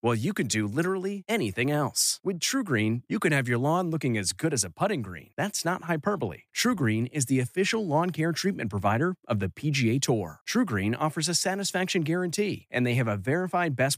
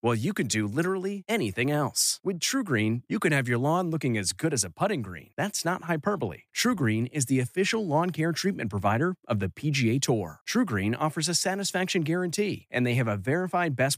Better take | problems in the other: neither | none

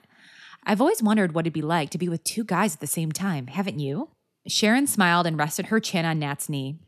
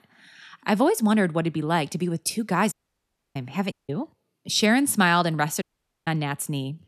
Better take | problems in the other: first | audio cutting out; at 2.5 s for 0.5 s, at 3.5 s and at 5.5 s

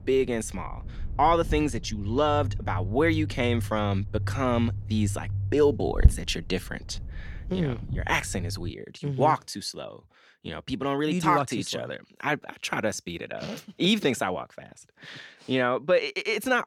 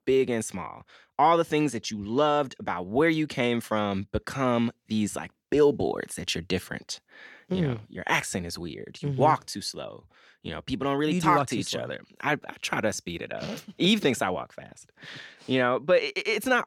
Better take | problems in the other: second | low rumble; faint; until 8.5 s; 20 dB below the speech

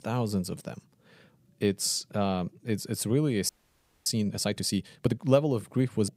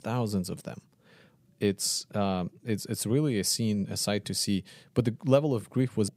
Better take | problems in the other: second | audio freezing; at 3.5 s for 0.5 s

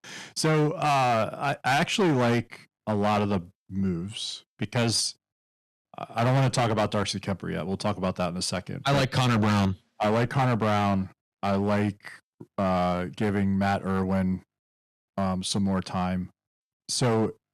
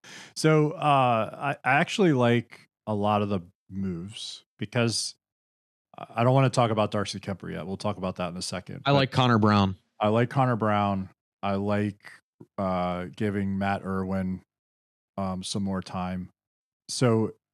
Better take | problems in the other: second | distortion; heavy; 9% of the sound clipped

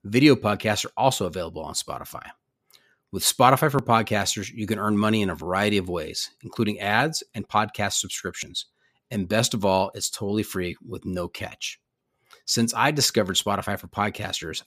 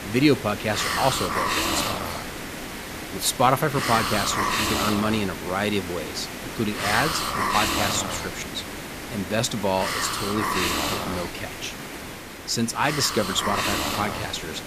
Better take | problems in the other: first | hiss; loud; throughout; 1 dB below the speech

